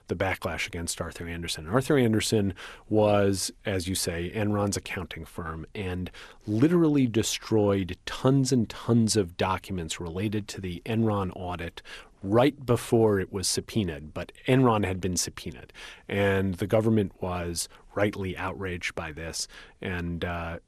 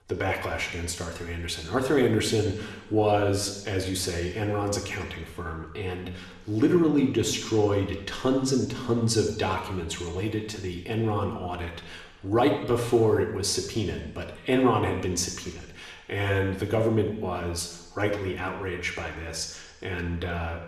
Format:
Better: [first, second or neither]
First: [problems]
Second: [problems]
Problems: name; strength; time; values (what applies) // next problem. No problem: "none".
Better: first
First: none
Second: room echo; noticeable; dies away in 0.9 s // off-mic speech; somewhat distant